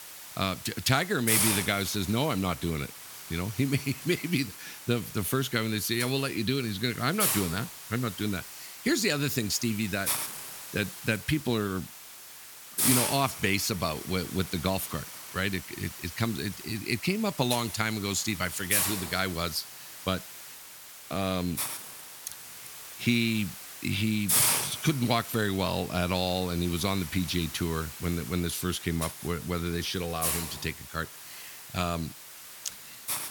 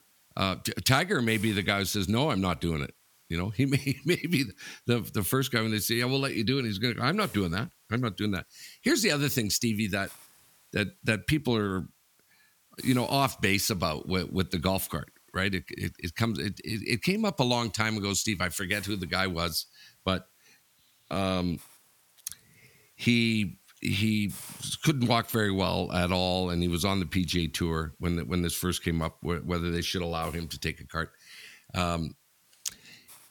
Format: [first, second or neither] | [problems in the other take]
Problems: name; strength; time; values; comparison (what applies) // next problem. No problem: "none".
second | hiss; loud; throughout; 4 dB below the speech; faint in the second